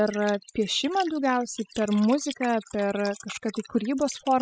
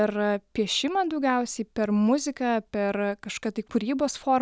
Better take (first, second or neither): second